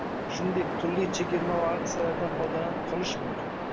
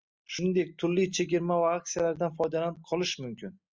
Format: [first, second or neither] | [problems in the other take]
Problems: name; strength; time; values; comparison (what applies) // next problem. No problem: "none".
second | background sound (Waves, surf); as loud as the speech